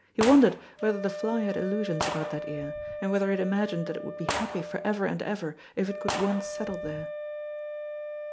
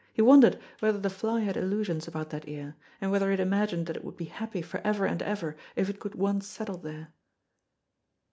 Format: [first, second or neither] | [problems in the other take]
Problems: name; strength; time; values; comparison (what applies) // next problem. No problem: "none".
second | background sound (Wind instrument, woodwind instrument + Gunshot, gunfire); 6 dB below the speech